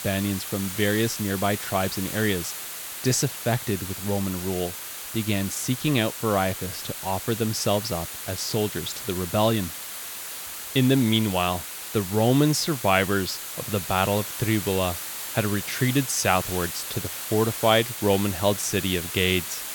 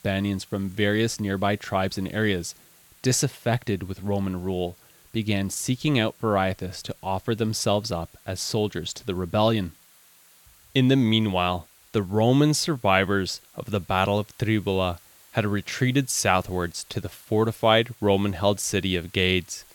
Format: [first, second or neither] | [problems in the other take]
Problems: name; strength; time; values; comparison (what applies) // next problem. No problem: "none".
second | hiss; loud; throughout; 7 dB below the speech; faint in the second